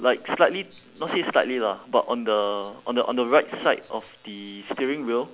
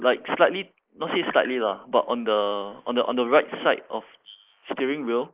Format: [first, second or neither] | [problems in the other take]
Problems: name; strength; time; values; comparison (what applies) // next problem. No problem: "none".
first | noise reduction (neural mask model Resemble Enhance denoiser)